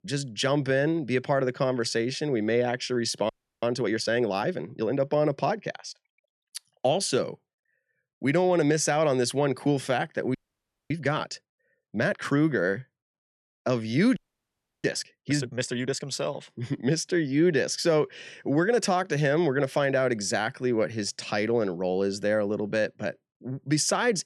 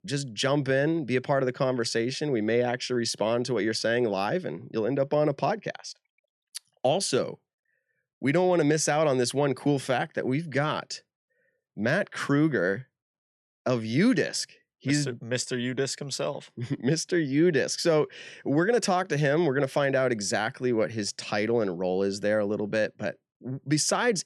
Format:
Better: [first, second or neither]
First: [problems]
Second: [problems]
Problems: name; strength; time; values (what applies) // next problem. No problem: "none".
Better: second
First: audio freezing; at 3.5 s, at 10 s for 0.5 s and at 14 s for 0.5 s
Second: none